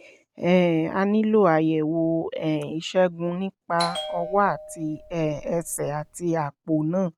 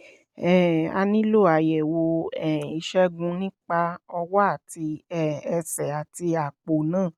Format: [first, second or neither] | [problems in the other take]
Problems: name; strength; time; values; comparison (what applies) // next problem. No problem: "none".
second | background sound (Bell); 13 dB below the speech